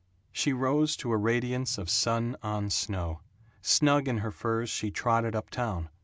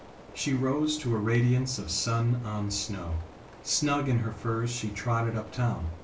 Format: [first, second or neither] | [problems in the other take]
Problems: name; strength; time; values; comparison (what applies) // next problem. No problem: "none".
first | background sound (Rain); 19 dB below the speech // room echo; dies away in 0.3 s